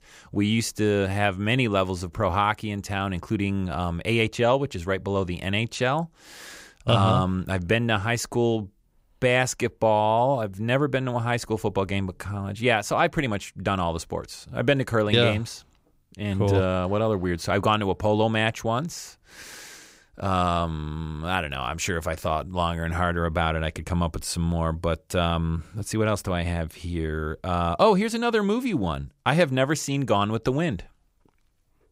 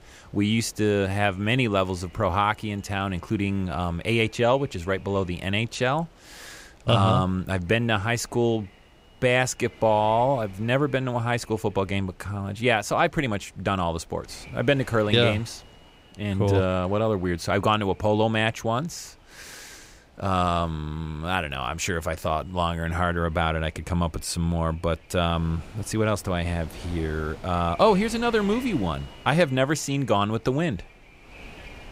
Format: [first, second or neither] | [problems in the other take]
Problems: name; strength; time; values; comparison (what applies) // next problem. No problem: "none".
first | wind noise on the microphone; occasional gusts; 25 dB below the speech